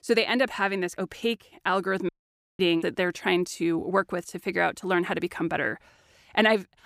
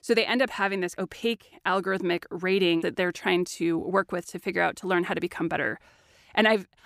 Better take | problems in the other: second | audio cutting out; at 2 s for 0.5 s

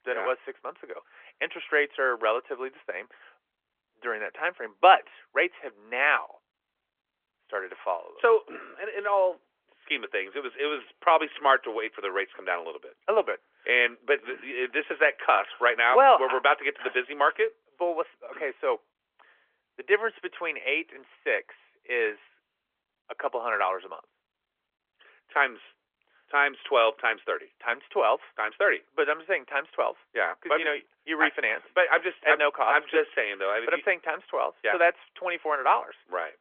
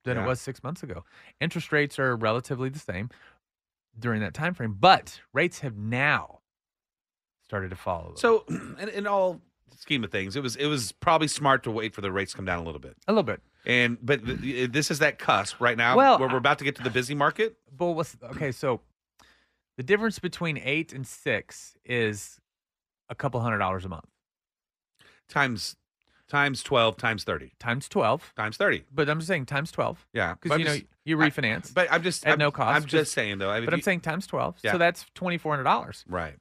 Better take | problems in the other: second | phone-call audio; nothing above 3.5 kHz

